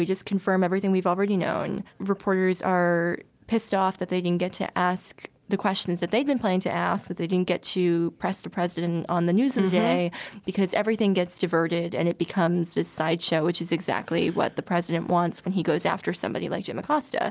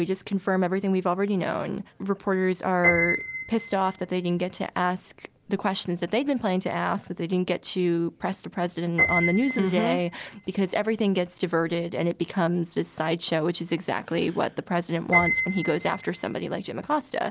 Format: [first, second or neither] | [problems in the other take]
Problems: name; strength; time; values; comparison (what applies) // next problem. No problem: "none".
first | background sound (Piano); 8 dB below the speech